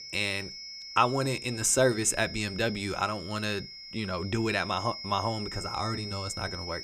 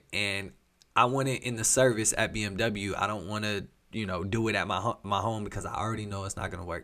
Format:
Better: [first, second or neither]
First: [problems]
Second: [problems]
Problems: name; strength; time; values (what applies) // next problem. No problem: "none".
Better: second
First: high-pitched whine; loud; throughout; 5 kHz, 10 dB below the speech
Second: none